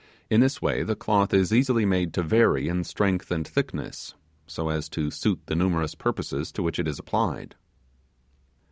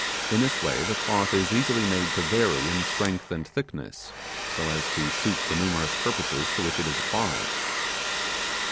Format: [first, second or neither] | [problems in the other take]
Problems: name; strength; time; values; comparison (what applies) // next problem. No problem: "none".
first | background sound (Domestic sounds, home sounds); as loud as the speech